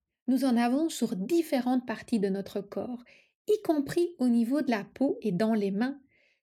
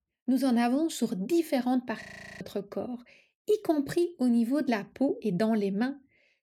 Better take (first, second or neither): first